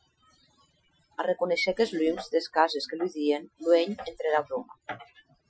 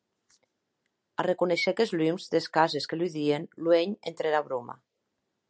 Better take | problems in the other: second | noise reduction (classical method Wiener filter)

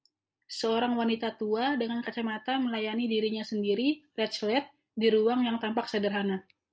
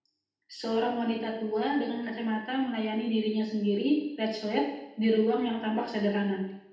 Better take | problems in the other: first | room echo; dies away in 0.8 s

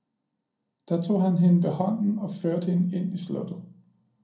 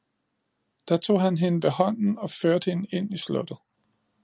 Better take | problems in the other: second | room echo; dies away in 0.6 s

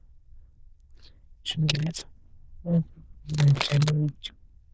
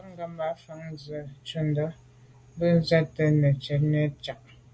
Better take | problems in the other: second | noise reduction (neural diffusion model UNIVERSE++)

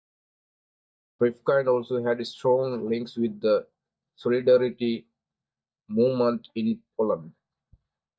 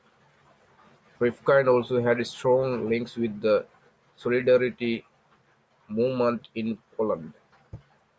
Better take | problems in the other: second | noise reduction (neural mask model DeepFilterNet 3)

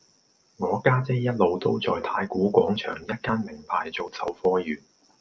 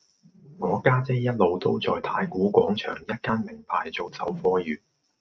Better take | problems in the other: first | noise reduction (neural mask model RNNoise)

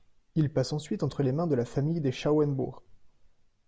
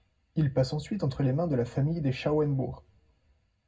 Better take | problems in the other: first | room echo; dies away in 0.3 s

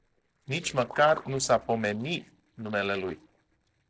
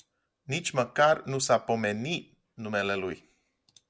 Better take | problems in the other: second | noise reduction (neural separator model SepFormer DNS4)

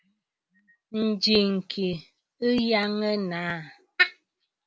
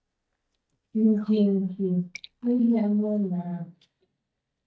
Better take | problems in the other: first | noise reduction (neural mask model DeepFilterNet 3)

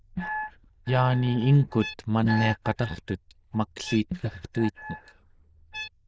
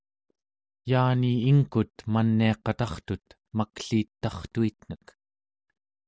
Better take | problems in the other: second | noise reduction (neural diffusion model UNIVERSE++)

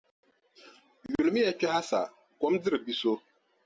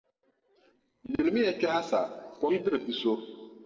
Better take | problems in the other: first | noise reduction (neural separator model SepFormer DNS4)

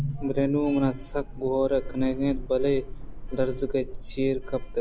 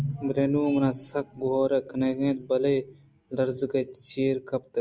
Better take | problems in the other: second | background sound (Sliding door); 7 dB below the speech

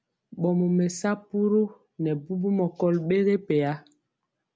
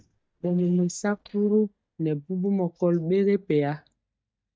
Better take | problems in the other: first | noise reduction (neural mask model DeepFilterNet 3)

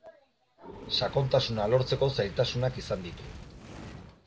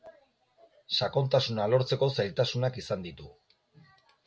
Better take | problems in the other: second | background sound (Fire); 14 dB below the speech

